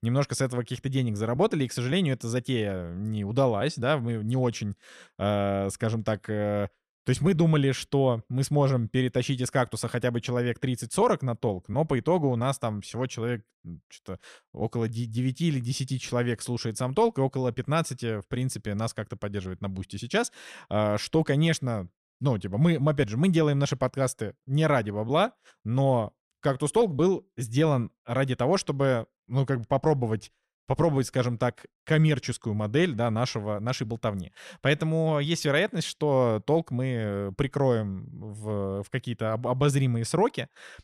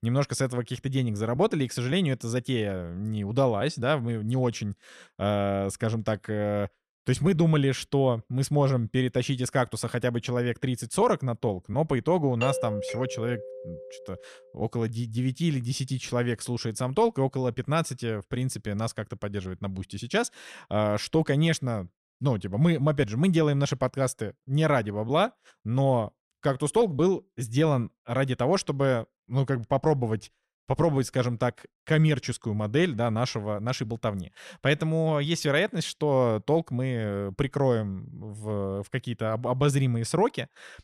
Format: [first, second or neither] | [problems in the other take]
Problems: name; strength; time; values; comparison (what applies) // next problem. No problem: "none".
first | doorbell; noticeable; from 12 to 14 s; peak 3 dB below the speech